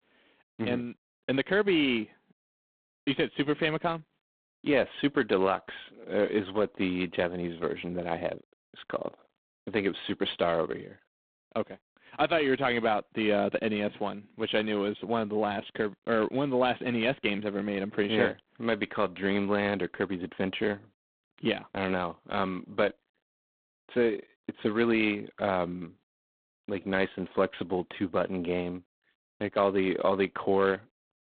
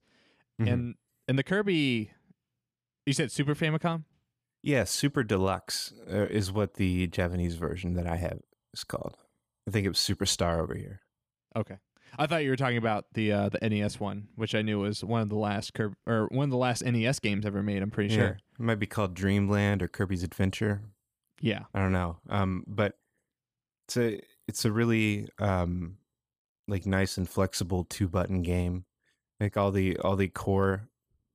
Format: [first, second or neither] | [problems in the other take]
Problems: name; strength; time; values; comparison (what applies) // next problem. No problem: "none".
second | phone-call audio; poor line; nothing above 3.5 kHz